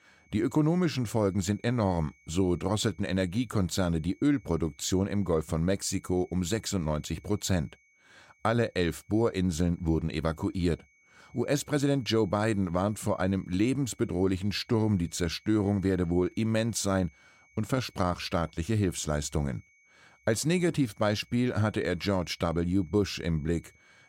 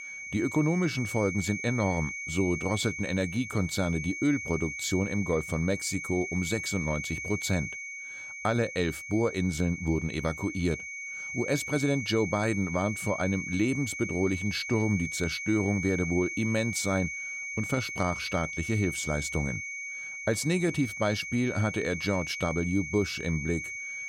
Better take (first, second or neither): first